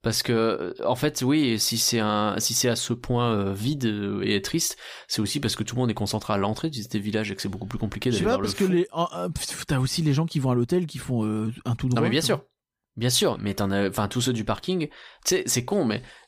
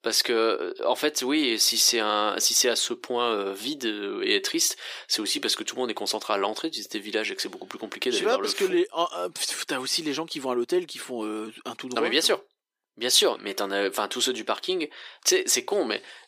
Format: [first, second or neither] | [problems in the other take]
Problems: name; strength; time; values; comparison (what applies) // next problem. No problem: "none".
first | thin; somewhat; fading below 350 Hz